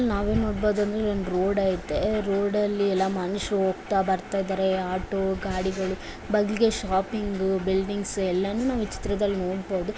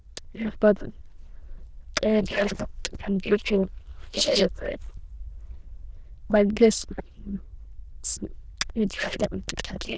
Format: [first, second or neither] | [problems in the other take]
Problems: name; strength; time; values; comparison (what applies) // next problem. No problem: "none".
first | noise reduction (neural diffusion model UNIVERSE++)